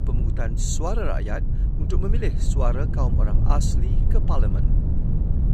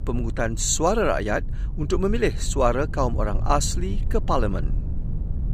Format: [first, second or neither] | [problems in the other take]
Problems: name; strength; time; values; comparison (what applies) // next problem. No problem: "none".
second | low rumble; loud; throughout; 6 dB below the speech; faint in the second